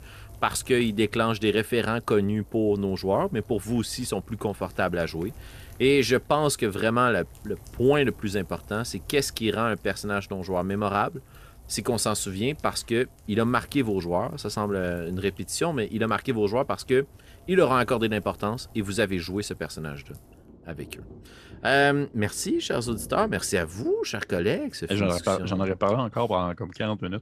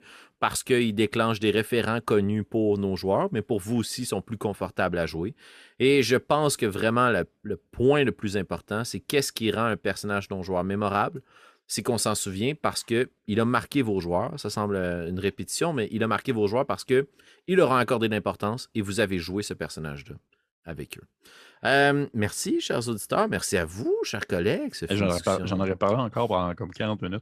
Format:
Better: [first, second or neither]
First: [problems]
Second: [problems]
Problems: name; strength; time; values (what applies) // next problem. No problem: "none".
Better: second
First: rain or running water; faint; throughout; 20 dB below the speech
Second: none